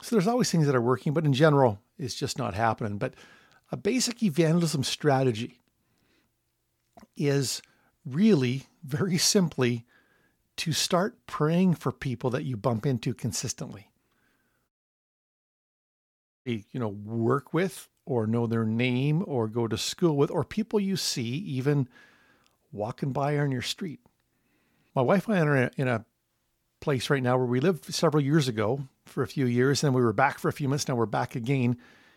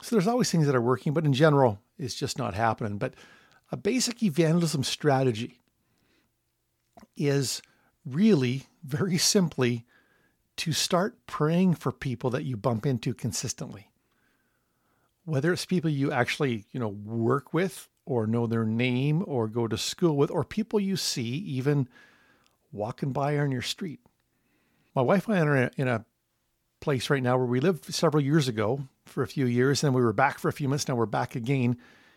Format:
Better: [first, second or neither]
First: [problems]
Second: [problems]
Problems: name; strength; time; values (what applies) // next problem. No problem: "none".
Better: second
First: audio cutting out; at 15 s for 2 s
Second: none